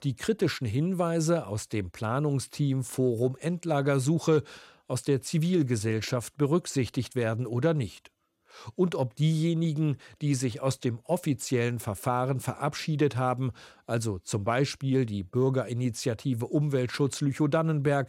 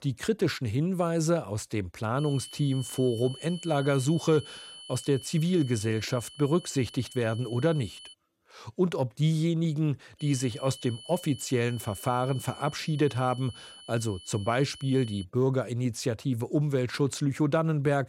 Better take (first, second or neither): first